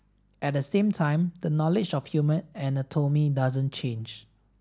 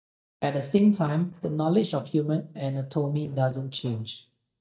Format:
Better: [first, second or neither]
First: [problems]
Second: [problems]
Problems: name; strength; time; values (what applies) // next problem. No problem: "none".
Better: first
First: none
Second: noise reduction (neural mask model DeepFilterNet 3)